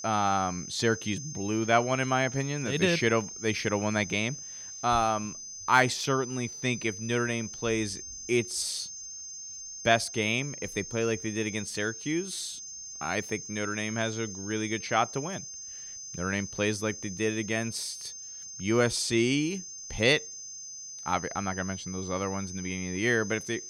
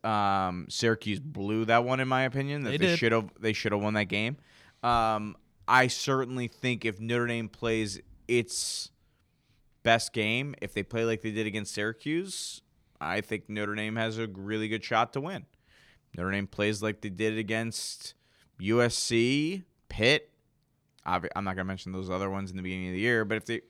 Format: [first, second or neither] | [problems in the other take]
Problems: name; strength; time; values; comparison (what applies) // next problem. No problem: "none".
second | high-pitched whine; loud; throughout; 6.5 kHz, 10 dB below the speech